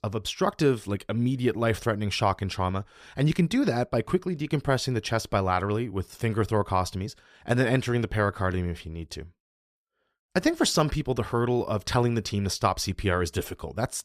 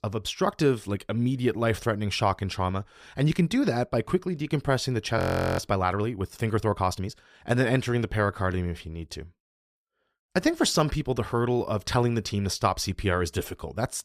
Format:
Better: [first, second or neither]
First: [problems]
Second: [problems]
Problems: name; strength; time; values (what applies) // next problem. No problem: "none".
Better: first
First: none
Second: audio freezing; at 5 s